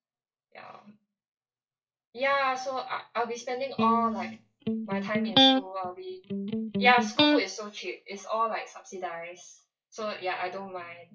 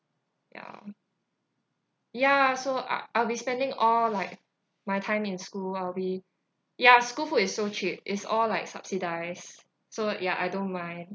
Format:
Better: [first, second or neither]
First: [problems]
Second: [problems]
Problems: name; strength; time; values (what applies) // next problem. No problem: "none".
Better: second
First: noise reduction (classical method WPE with log-MMSE)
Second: none